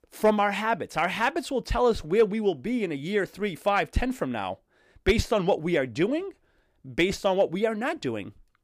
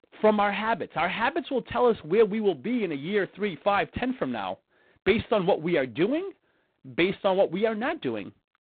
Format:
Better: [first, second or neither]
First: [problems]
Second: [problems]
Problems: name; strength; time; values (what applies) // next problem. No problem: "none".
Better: first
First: none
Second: phone-call audio; poor line; nothing above 4 kHz